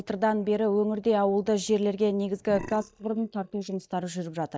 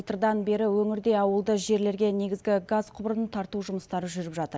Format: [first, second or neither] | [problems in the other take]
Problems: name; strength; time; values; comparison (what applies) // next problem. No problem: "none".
second | noise reduction (neural mask model DeepFilterNet 3)